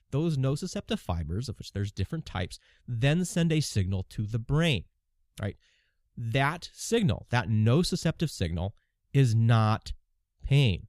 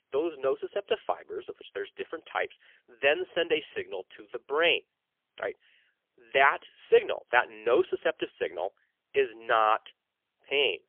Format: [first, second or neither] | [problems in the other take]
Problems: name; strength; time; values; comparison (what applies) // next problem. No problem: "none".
first | phone-call audio; poor line; nothing above 3 kHz